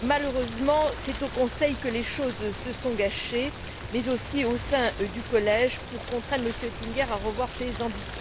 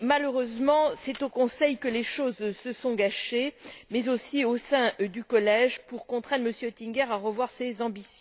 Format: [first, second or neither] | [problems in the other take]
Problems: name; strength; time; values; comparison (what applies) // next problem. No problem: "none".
second | background sound (Rain); 9 dB below the speech